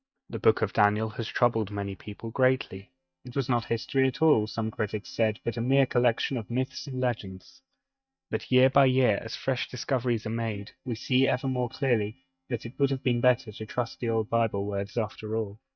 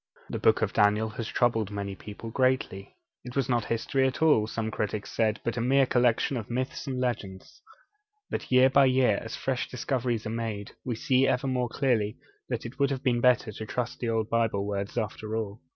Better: second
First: noise reduction (neural mask model DeepFilterNet 3)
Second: none

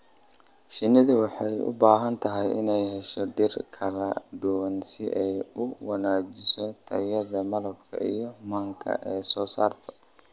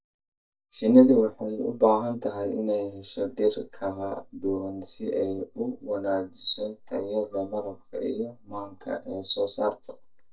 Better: first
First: none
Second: noise reduction (neural mask model DeepFilterNet 3)

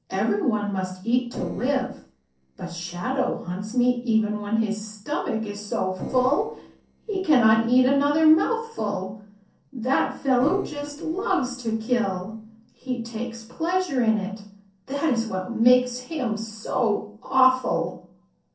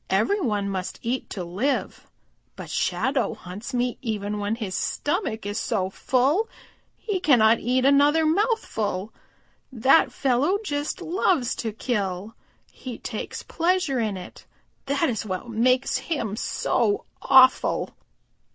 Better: second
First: noise reduction (neural separator model SepFormer DNS4)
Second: none

